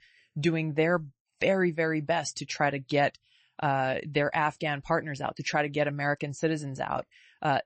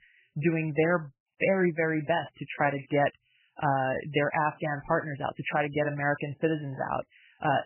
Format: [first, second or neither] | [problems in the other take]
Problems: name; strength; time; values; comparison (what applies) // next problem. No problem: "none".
first | garbled, watery; badly; nothing above 3 kHz; slightly in the first